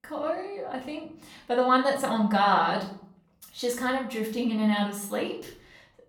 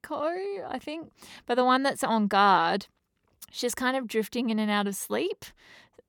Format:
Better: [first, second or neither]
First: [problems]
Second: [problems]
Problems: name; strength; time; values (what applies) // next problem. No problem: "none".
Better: second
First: room echo; slight; dies away in 0.5 s // off-mic speech; far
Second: none